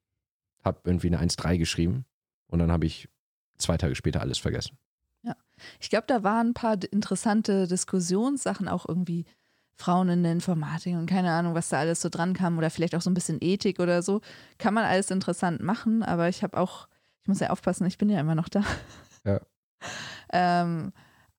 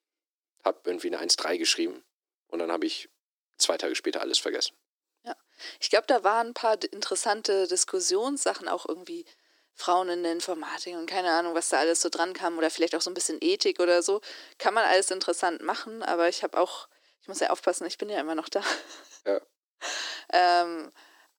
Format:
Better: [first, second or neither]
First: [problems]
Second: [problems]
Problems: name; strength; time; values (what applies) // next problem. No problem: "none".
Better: first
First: none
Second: thin; very; fading below 300 Hz